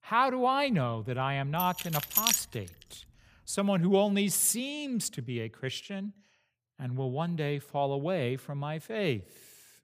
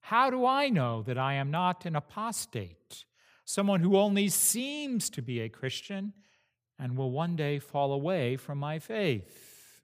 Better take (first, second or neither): second